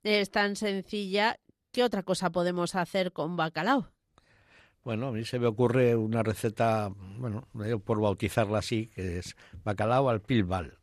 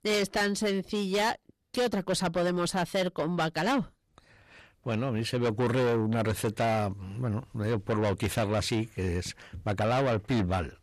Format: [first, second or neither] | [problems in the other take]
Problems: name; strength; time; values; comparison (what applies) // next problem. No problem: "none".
first | distortion; heavy; 7 dB below the speech